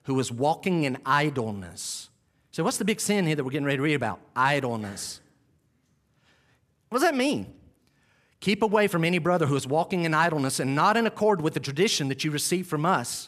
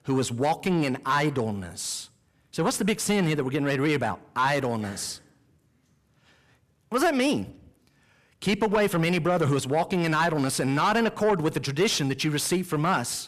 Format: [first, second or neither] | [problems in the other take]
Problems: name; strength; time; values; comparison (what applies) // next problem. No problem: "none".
first | distortion; slight; 10 dB below the speech